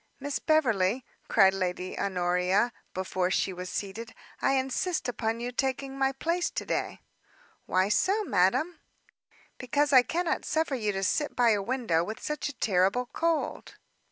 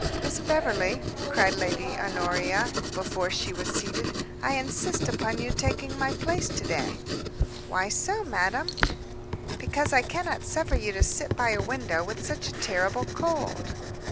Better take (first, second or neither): first